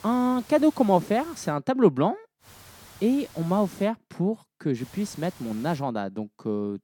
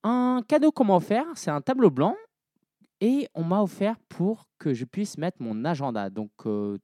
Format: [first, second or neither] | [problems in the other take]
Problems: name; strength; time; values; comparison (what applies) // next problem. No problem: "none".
second | hiss; faint; until 1.5 s, from 2.5 to 4 s and from 5 to 6 s; 20 dB below the speech